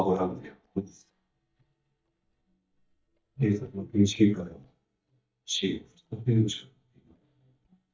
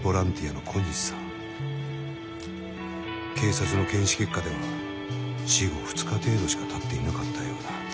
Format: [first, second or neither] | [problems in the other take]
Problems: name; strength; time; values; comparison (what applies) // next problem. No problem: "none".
second | noise reduction (neural mask model DeepFilterNet 3)